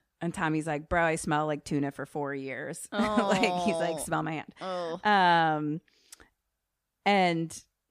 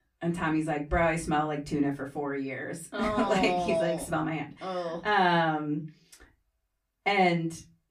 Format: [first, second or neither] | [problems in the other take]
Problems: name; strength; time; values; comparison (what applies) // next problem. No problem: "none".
first | off-mic speech; far // room echo; very slight; dies away in 0.3 s